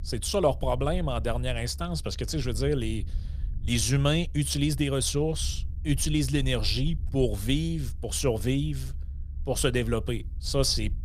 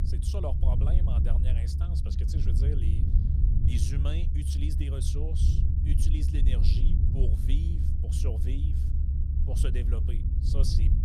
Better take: first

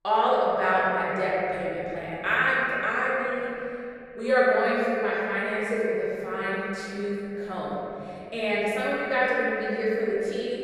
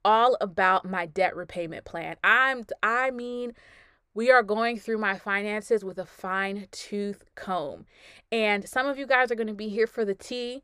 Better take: second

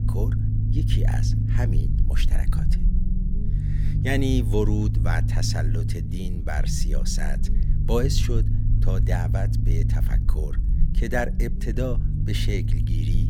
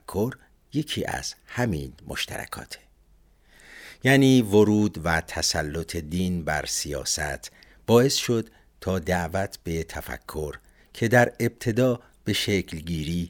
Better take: second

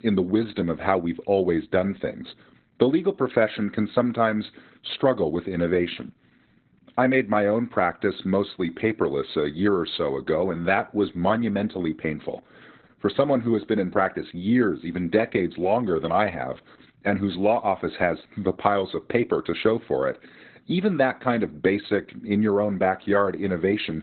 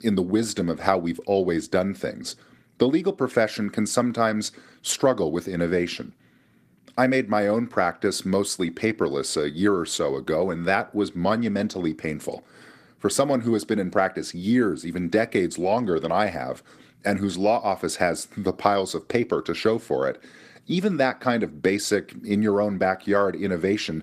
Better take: second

